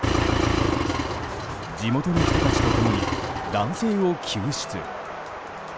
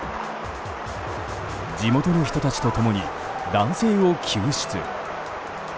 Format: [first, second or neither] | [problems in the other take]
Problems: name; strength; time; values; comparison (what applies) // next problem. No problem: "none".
second | background sound (Engine); 2 dB above the speech